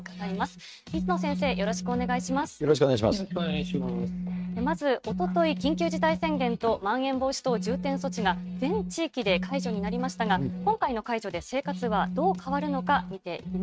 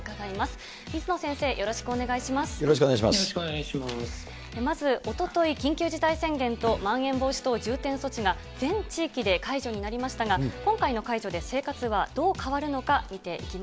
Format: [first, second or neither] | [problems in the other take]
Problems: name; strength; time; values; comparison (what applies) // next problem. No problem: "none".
second | noise reduction (neural mask model RNNoise)